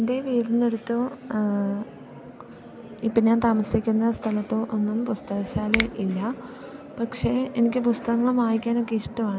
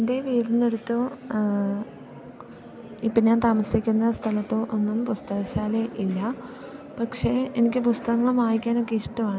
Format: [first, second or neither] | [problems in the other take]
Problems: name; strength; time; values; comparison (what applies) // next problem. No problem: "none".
second | background sound (Finger snapping); 9 dB below the speech